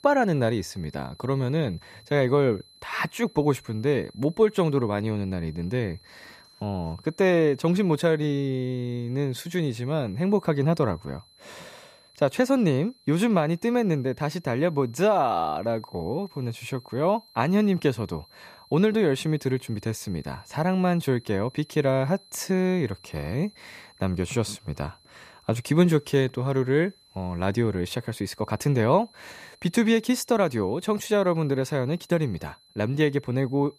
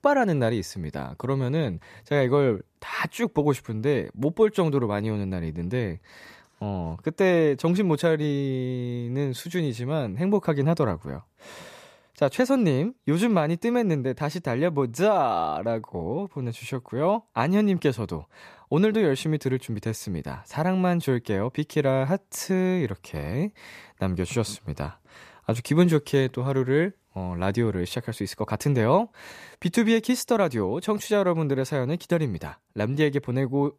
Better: second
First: high-pitched whine; faint; throughout; 4 kHz, 30 dB below the speech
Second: none

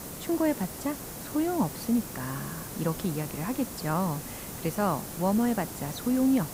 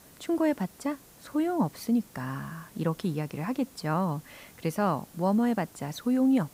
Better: second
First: hiss; loud; throughout; 8 dB below the speech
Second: hiss; faint; throughout; 25 dB below the speech

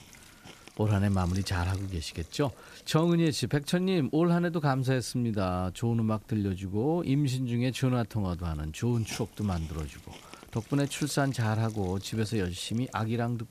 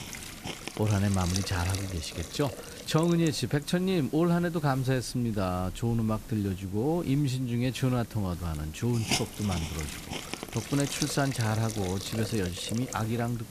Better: first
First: hiss; faint; throughout; 20 dB below the speech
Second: hiss; loud; throughout; 9 dB below the speech

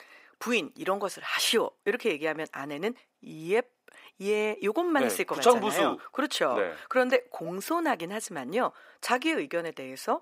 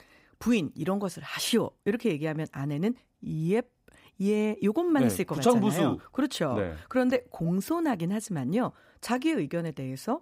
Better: second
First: thin; somewhat; fading below 450 Hz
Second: none

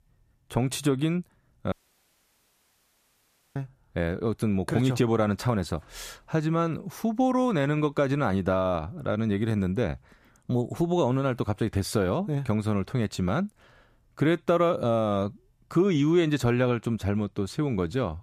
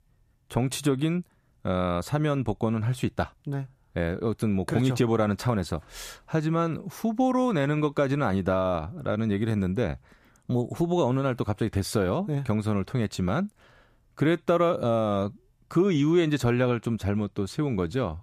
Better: second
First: audio cutting out; at 1.5 s for 2 s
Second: none

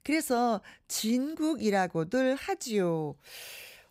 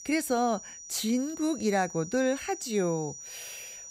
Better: first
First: none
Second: high-pitched whine; noticeable; throughout; 6 kHz, 10 dB below the speech

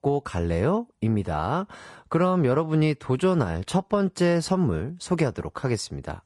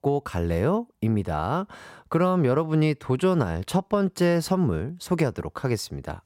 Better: second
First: garbled, watery; slightly; nothing above 11 kHz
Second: none

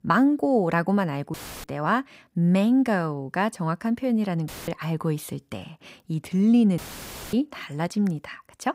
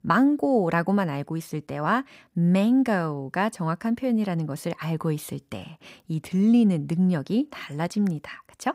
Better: second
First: audio cutting out; filled with static; at 1.5 s, at 4.5 s and at 7 s for 0.5 s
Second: none

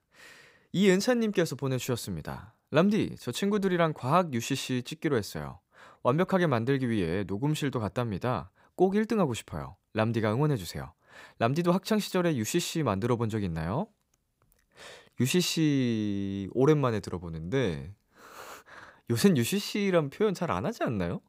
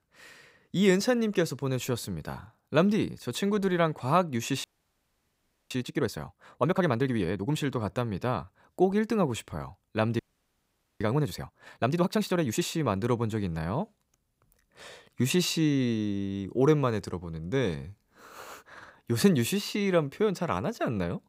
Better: first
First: none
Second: audio freezing; at 4.5 s for 1 s and at 10 s for 1 s

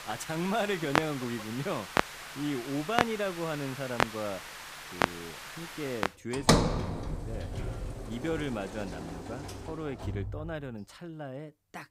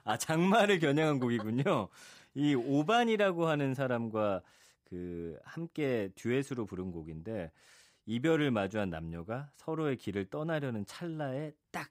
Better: second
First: household noises; very loud; throughout; 2 dB above the speech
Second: none

